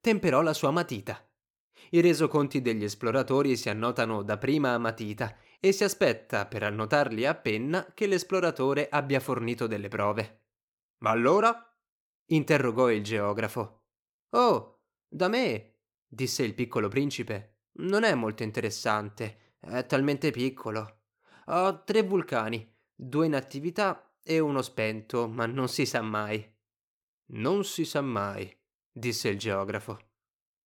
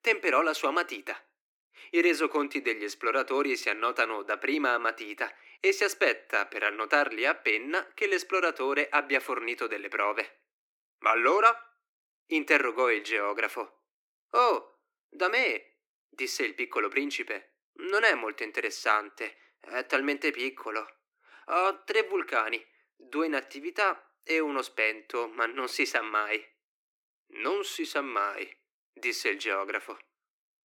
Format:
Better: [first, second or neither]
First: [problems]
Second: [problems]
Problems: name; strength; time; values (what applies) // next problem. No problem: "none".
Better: first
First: none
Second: thin; somewhat; fading below 300 Hz